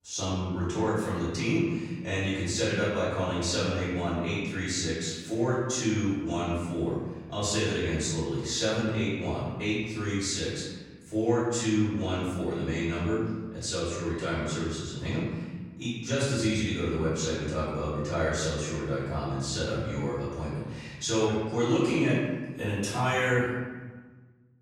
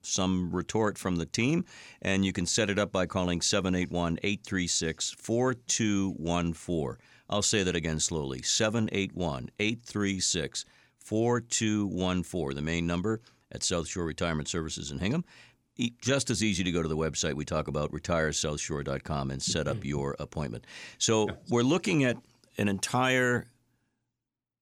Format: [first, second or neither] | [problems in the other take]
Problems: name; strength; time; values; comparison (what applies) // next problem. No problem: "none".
second | off-mic speech; far // room echo; strong; dies away in 1.3 s